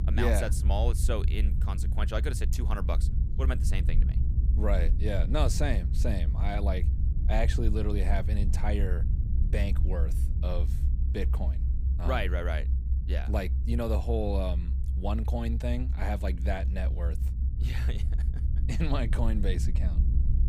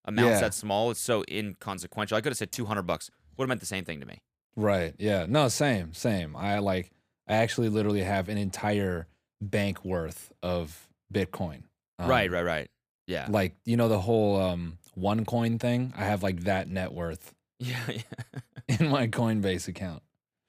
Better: second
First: low rumble; noticeable; throughout; 10 dB below the speech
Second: none

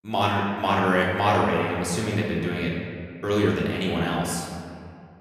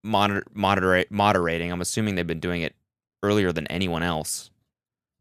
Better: second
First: off-mic speech; far // room echo; noticeable; dies away in 1.9 s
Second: none

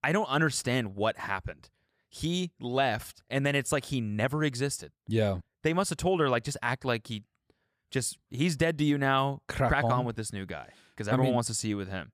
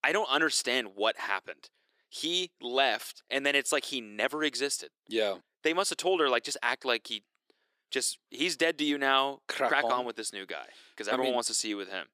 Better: first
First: none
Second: thin; somewhat; fading below 350 Hz

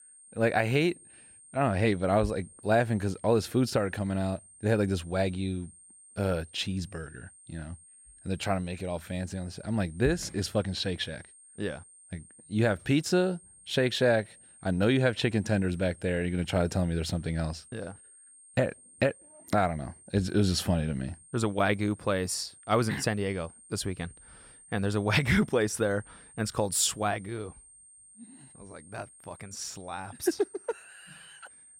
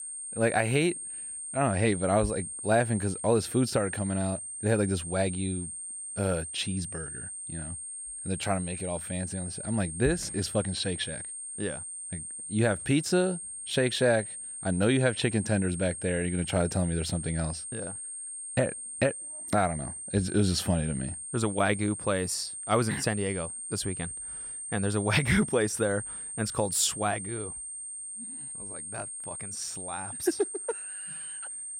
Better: first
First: high-pitched whine; faint; throughout; 8.5 kHz, 25 dB below the speech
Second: high-pitched whine; loud; throughout; 8.5 kHz, 7 dB below the speech

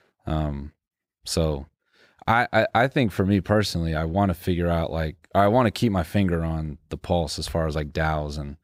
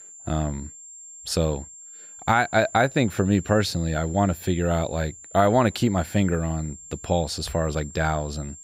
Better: first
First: none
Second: high-pitched whine; noticeable; throughout; 7.5 kHz, 15 dB below the speech

